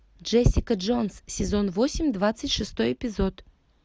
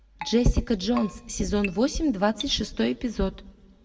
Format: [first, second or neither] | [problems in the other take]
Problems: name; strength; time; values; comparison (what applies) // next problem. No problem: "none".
first | background sound (Keyboard (musical)); 16 dB below the speech // room echo; dies away in 0.8 s